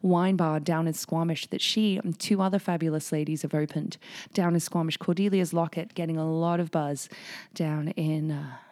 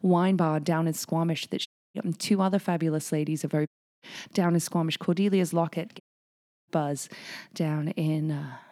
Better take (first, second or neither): first